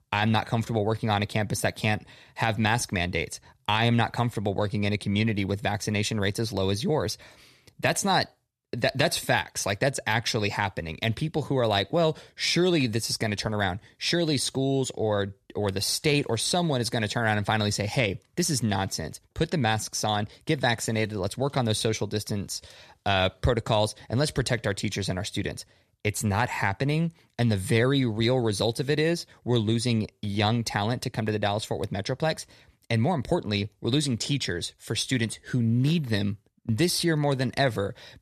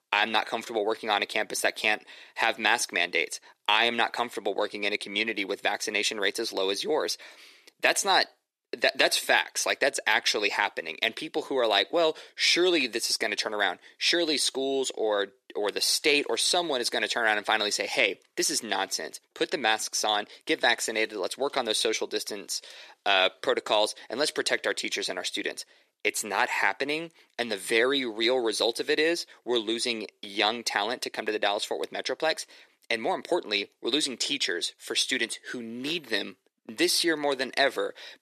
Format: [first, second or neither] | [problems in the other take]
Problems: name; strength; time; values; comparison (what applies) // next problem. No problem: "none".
first | thin; very; fading below 350 Hz